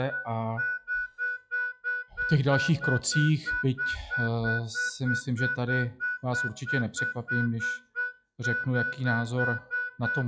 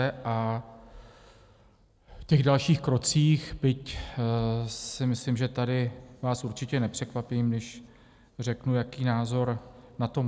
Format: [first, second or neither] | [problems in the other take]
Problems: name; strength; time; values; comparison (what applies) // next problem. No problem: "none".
second | noise reduction (classical method log-MMSE)